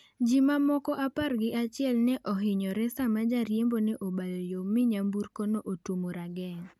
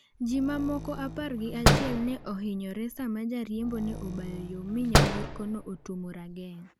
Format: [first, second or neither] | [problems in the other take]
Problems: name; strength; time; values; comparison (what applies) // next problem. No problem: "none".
first | background sound (Slam); 2 dB above the speech